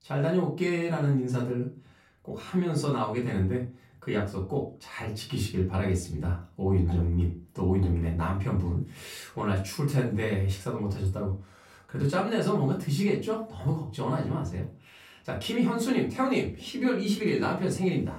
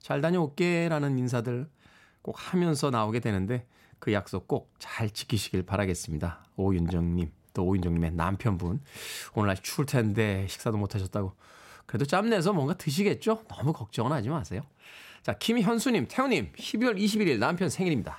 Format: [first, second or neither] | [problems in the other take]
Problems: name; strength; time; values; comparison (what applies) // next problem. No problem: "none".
second | room echo; slight; dies away in 0.3 s // off-mic speech; far